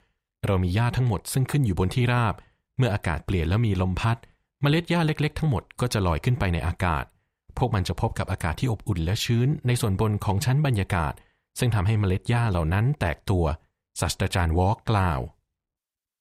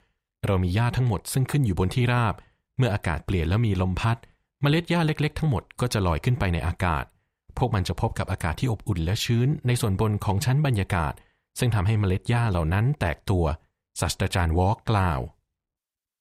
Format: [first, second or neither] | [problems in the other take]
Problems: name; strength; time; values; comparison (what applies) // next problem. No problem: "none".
neither | none